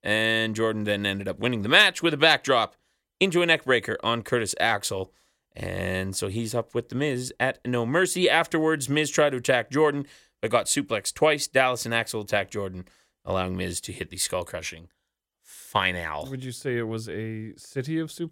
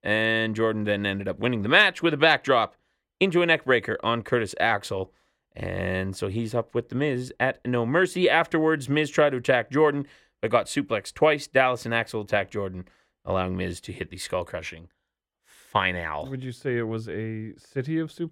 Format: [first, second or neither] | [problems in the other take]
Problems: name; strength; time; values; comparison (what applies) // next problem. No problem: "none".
first | muffled; slightly; fading above 4 kHz